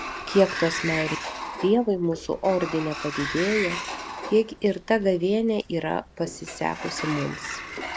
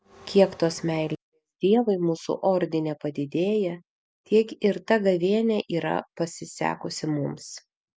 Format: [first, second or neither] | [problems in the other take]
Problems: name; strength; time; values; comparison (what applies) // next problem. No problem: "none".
second | background sound (Sliding door); 8 dB below the speech